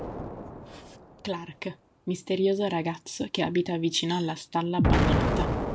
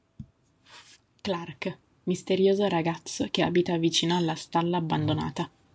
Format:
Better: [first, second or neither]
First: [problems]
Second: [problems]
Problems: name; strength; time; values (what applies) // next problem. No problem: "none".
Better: second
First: background sound (Explosion); 1 dB below the speech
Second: none